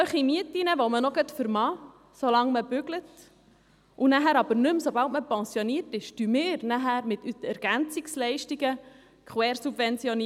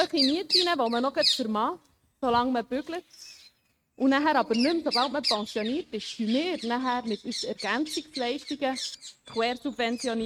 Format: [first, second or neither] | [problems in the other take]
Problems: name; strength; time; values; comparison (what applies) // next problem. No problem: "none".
first | noise reduction (neural mask model RNNoise)